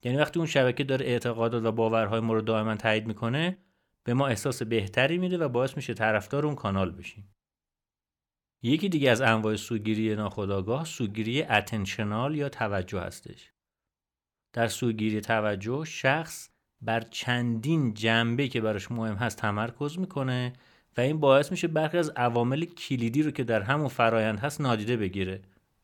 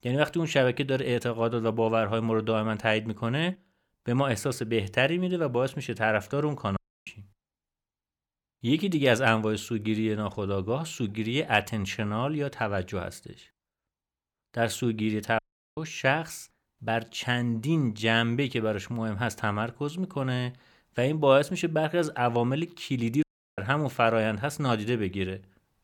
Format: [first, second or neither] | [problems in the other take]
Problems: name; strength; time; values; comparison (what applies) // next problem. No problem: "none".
first | audio cutting out; at 7 s, at 15 s and at 23 s